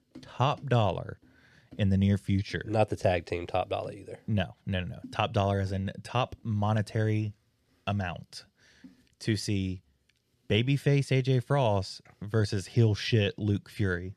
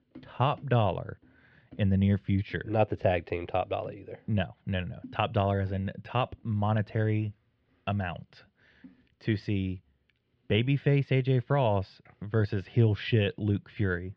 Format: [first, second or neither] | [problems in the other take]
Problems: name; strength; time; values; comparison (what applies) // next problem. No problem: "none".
first | muffled; slightly; fading above 3 kHz